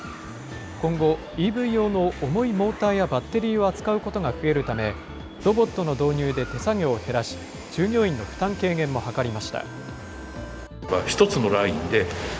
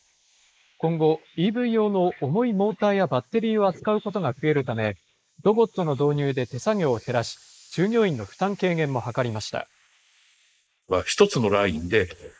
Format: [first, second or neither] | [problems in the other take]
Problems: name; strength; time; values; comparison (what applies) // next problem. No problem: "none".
first | noise reduction (neural mask model Resemble Enhance denoiser)